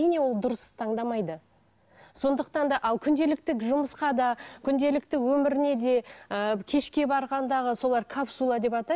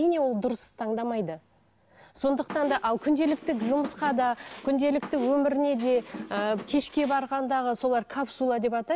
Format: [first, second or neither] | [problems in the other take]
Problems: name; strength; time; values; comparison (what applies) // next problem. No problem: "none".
first | background sound (Squeak); 15 dB below the speech